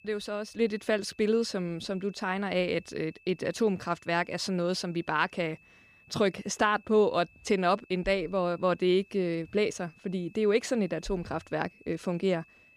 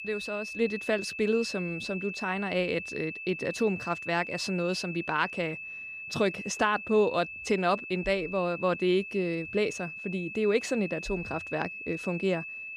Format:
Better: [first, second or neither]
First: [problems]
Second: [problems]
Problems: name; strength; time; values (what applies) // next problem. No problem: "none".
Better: first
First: high-pitched whine; faint; throughout; 2.5 kHz, 30 dB below the speech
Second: high-pitched whine; loud; throughout; 2.5 kHz, 8 dB below the speech